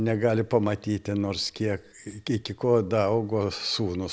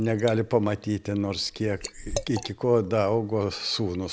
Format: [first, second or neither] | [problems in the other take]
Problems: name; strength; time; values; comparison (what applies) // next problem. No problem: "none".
first | background sound (Liquid); 15 dB below the speech